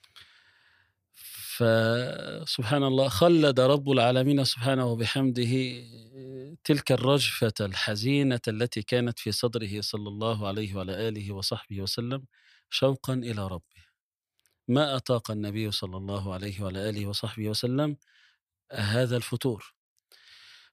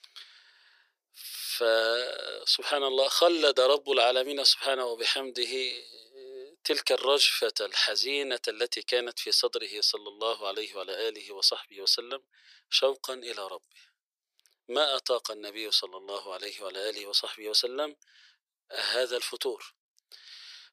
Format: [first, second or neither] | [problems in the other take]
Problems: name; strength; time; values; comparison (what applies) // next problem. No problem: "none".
first | thin; very; fading below 400 Hz